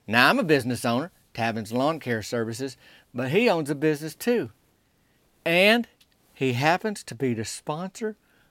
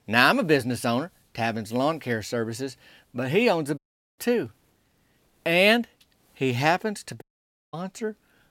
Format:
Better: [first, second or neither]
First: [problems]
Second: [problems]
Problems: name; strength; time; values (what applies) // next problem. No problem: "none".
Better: first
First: none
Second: audio cutting out; at 4 s and at 7 s for 0.5 s